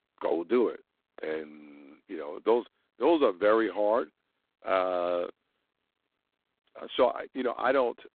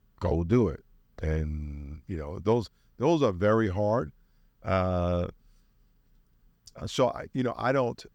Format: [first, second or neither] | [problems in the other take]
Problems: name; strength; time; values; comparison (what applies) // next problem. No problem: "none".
second | phone-call audio; poor line